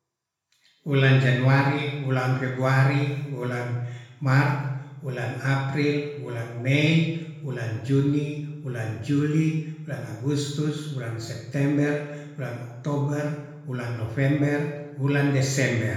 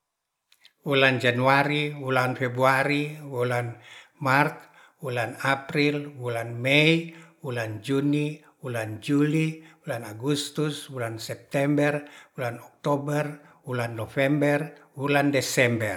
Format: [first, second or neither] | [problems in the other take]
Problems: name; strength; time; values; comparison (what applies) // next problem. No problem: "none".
second | room echo; dies away in 1 s